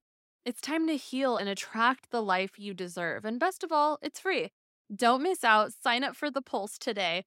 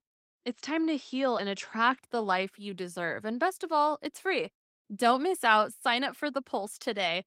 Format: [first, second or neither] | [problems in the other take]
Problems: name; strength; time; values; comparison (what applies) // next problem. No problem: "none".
first | garbled, watery; slightly; nothing above 16 kHz